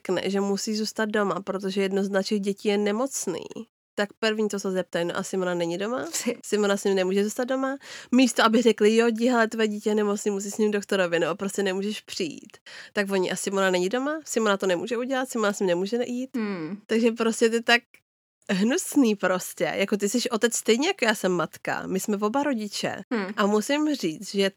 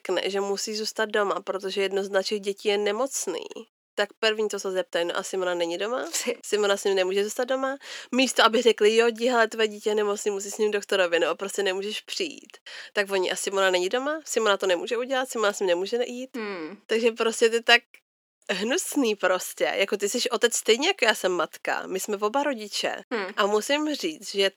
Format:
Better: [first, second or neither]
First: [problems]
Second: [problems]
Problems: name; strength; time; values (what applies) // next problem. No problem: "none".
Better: first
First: none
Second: thin; somewhat; fading below 400 Hz